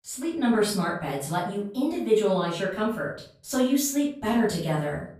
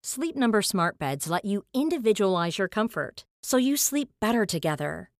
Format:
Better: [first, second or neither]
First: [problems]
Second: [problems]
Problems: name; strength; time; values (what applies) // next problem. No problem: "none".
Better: second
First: off-mic speech; far // room echo; noticeable; dies away in 0.4 s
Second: none